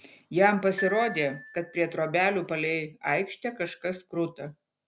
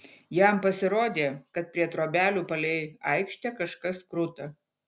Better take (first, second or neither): second